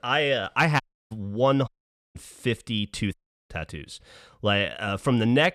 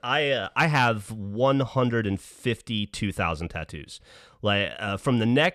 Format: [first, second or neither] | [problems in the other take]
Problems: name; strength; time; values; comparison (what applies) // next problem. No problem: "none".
second | audio cutting out; at 1 s, at 1.5 s and at 3 s